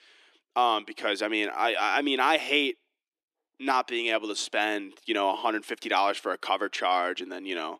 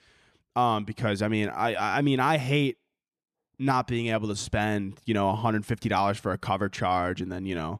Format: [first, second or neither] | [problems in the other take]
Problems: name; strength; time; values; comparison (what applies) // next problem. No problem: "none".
second | thin; somewhat; fading below 300 Hz